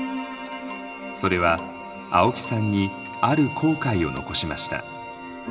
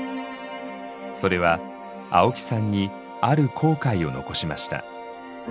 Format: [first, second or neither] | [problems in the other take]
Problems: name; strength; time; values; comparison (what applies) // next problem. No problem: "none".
second | background sound (Clock); 17 dB below the speech // room echo; dies away in 1.8 s